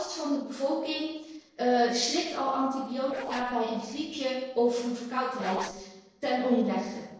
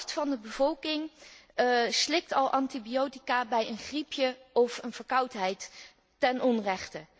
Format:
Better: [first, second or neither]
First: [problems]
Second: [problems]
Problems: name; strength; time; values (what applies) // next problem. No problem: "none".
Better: second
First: noise reduction (neural separator model SepFormer DNS4)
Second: none